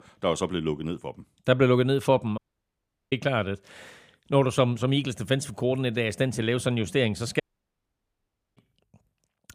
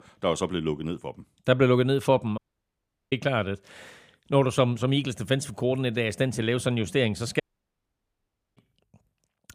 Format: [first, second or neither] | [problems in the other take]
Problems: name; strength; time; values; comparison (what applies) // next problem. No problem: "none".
neither | audio cutting out; at 2.5 s for 0.5 s and at 7.5 s for 1 s; the same in both